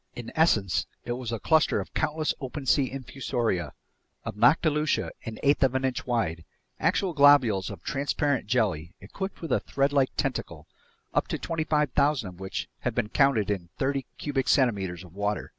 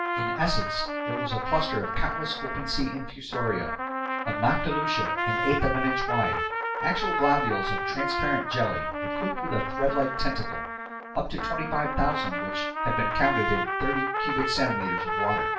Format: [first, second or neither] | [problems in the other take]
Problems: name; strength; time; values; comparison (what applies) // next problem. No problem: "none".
first | background sound (Trumpet); 1 dB below the speech // room echo; dies away in 0.3 s